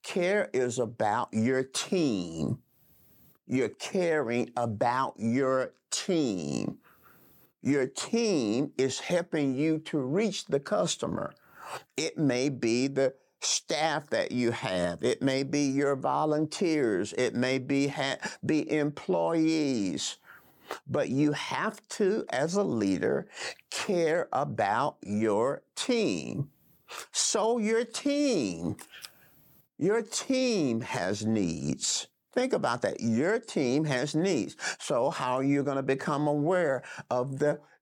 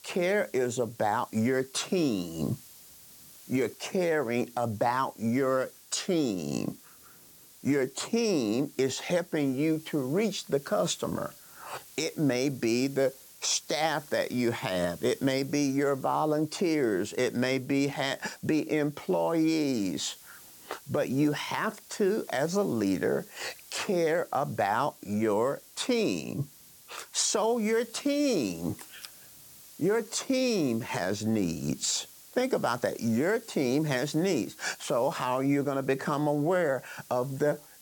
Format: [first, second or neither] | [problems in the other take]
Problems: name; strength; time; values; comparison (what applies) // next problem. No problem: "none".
first | hiss; faint; throughout; 20 dB below the speech